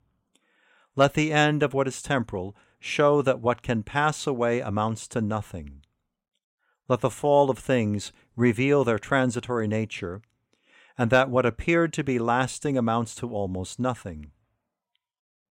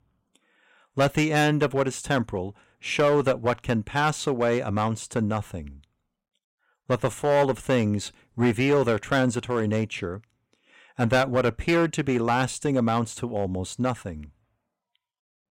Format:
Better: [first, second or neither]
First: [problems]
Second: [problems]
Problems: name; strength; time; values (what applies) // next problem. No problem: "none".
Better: first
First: none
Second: distortion; slight; 3% of the sound clipped